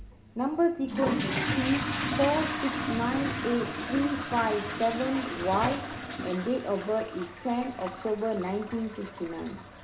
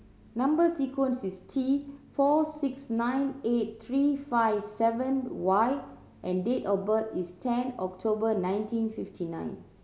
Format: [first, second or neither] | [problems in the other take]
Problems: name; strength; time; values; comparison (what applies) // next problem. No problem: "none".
second | background sound (Fill (with liquid) / Toilet flush); 4 dB below the speech // room echo; dies away in 0.2 s